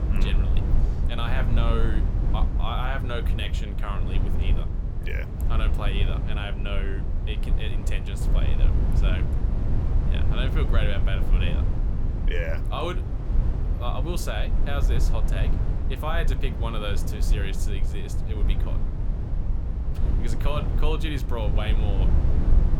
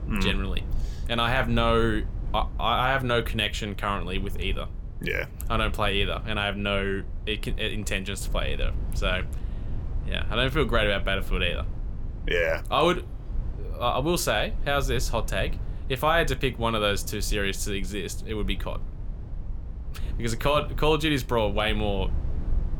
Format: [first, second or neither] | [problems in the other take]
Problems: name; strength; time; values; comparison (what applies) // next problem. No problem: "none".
second | low rumble; loud; throughout; 6 dB below the speech; faint in the second